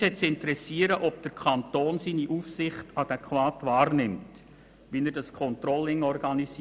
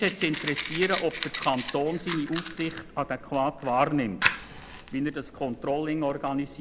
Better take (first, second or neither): first